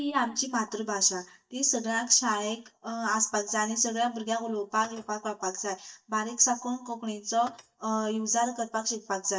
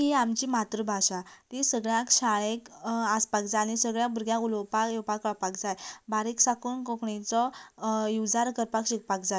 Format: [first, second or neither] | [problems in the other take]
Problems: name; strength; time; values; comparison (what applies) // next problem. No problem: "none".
second | noise reduction (neural mask model DeepFilterNet 3)